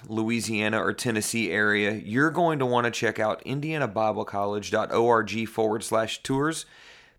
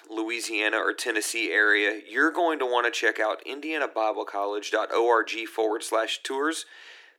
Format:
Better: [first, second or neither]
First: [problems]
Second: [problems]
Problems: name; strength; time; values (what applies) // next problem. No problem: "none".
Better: first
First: none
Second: thin; very; fading below 300 Hz